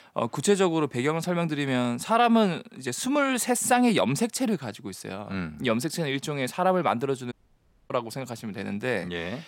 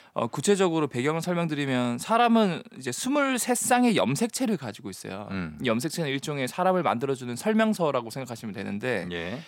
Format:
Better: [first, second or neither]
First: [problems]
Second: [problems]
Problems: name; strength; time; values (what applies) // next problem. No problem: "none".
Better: second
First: audio cutting out; at 7.5 s for 0.5 s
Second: none